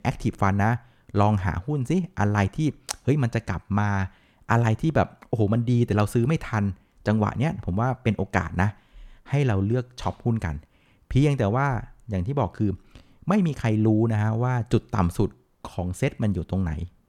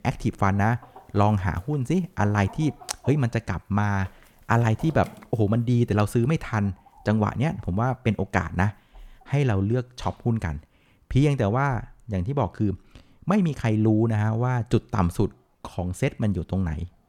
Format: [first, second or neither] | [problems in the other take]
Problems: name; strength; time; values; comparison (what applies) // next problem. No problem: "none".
first | animal sounds; faint; throughout; 25 dB below the speech